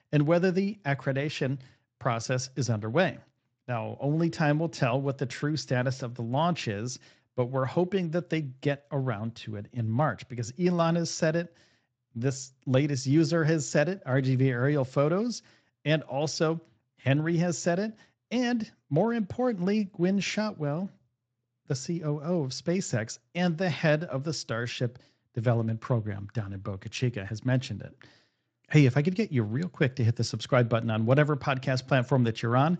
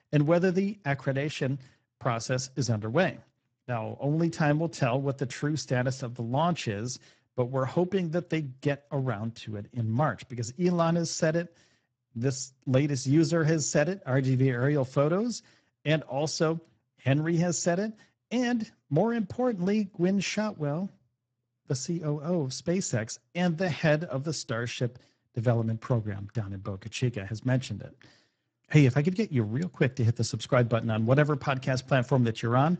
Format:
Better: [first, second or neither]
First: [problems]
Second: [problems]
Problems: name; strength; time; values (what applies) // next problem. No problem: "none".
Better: first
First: garbled, watery; slightly; nothing above 7.5 kHz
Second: garbled, watery; badly; nothing above 7.5 kHz